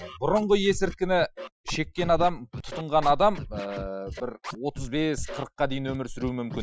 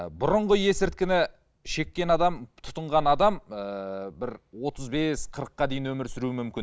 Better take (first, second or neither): second